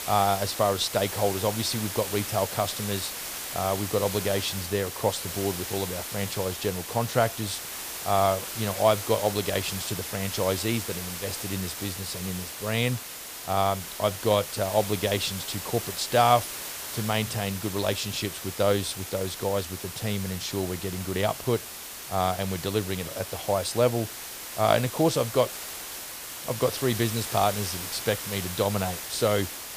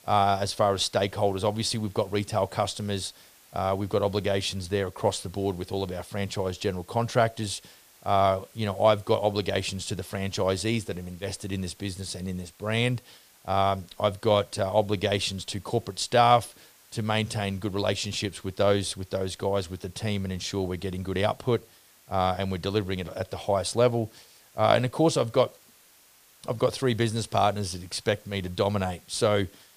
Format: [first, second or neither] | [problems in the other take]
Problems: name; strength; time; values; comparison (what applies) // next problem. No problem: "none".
second | hiss; loud; throughout; 6 dB below the speech; faint in the second